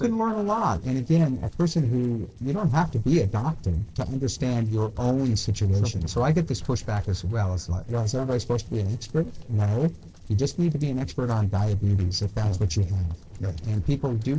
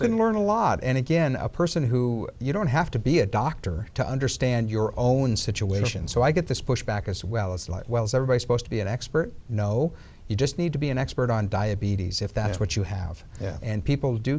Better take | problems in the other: second | noise reduction (neural separator model SepFormer DNS4)

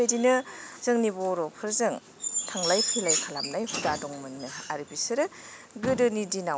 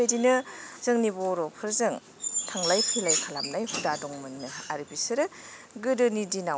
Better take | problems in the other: second | background sound (Motor vehicle (road)); 19 dB below the speech

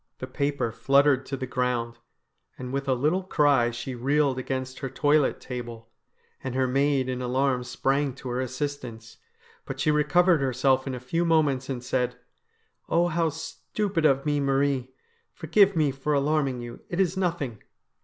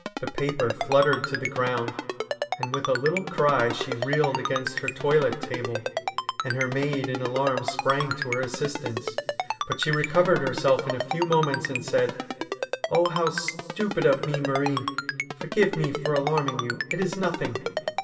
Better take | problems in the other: first | background sound (Ringtone); 5 dB below the speech // room echo; dies away in 1.8 s

